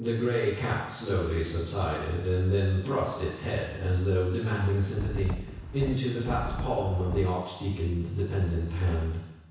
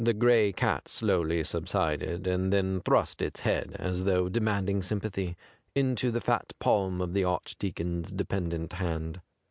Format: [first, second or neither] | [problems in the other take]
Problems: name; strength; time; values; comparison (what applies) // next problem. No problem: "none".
second | background sound (Wind); 6 dB below the speech // room echo; dies away in 1.1 s